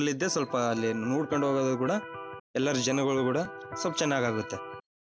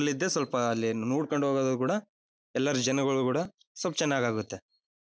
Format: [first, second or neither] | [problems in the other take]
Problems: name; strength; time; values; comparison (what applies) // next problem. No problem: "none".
second | background sound (Electric guitar); 11 dB below the speech